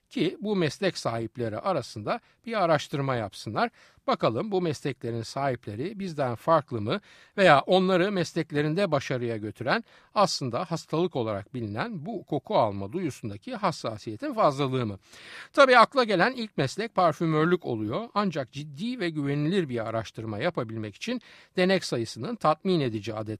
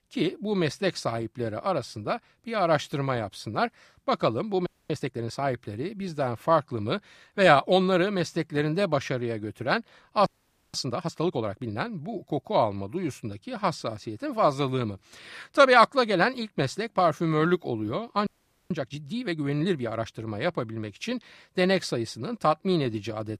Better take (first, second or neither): first